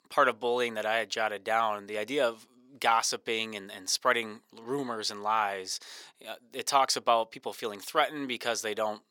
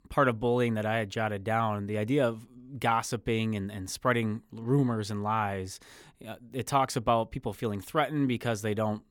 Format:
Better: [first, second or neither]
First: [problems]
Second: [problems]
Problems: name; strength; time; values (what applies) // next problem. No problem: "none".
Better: second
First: thin; somewhat; fading below 500 Hz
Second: none